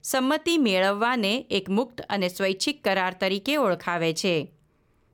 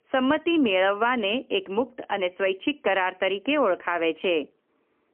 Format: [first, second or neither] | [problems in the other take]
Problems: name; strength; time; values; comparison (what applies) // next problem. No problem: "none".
first | phone-call audio; poor line; nothing above 3 kHz